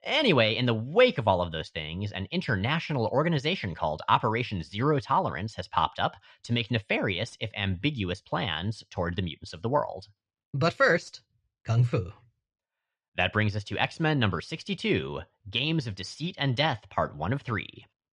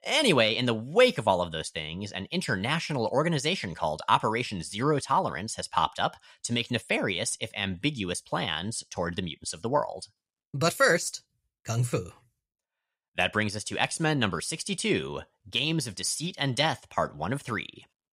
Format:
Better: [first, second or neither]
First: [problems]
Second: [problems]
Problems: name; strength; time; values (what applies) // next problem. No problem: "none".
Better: second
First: muffled; very slightly; fading above 4 kHz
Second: none